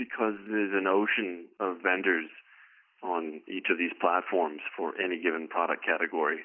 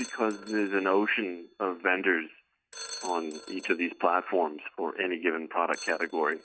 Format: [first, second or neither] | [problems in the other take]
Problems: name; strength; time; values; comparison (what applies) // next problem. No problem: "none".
first | noise reduction (neural mask model RNNoise)